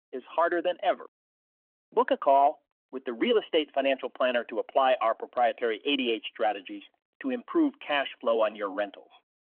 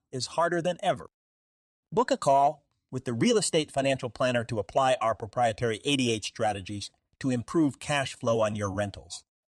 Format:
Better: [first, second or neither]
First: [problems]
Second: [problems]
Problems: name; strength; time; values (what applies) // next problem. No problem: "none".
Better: second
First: phone-call audio; nothing above 3 kHz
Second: none